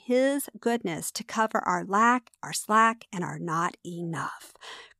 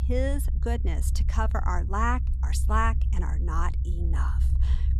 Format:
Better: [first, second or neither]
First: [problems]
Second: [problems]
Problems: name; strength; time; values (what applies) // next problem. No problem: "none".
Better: first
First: none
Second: low rumble; noticeable; throughout; 15 dB below the speech